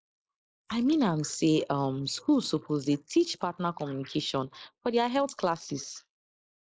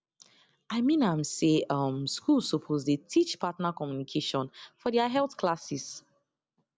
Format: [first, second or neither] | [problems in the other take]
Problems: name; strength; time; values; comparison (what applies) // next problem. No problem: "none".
second | noise reduction (neural mask model Resemble Enhance denoiser)